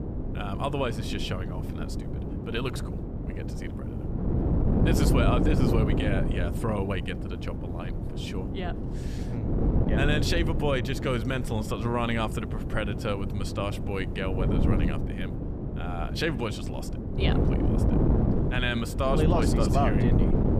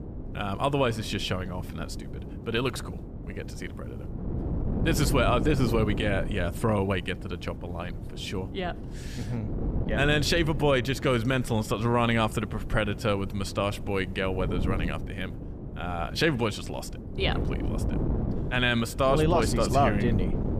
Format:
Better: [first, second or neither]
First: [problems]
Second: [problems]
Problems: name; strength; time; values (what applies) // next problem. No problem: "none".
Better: second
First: wind noise on the microphone; heavy; 4 dB below the speech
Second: wind noise on the microphone; occasional gusts; 15 dB below the speech